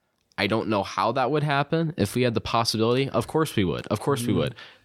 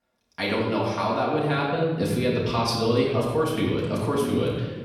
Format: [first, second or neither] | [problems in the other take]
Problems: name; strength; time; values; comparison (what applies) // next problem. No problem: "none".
first | off-mic speech; far // room echo; noticeable; dies away in 1.3 s